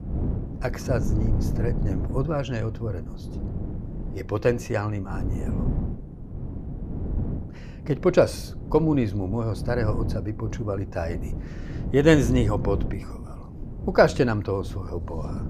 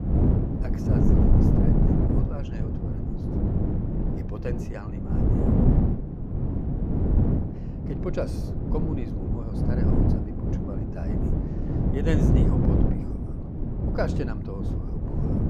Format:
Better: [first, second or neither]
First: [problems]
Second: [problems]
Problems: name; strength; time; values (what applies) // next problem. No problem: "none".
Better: first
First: wind noise on the microphone; occasional gusts; 15 dB below the speech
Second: wind noise on the microphone; heavy; 4 dB above the speech